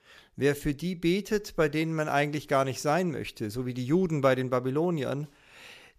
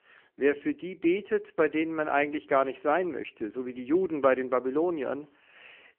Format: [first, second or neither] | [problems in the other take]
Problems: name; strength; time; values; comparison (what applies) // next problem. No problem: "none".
first | phone-call audio; poor line